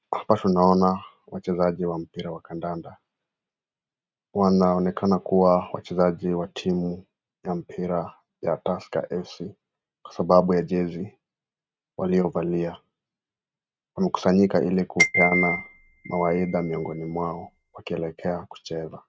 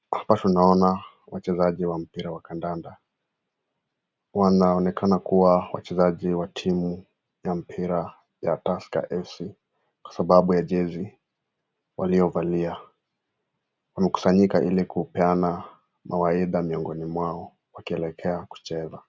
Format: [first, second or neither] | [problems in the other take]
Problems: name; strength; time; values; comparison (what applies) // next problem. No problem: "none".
second | noise reduction (neural mask model RNNoise)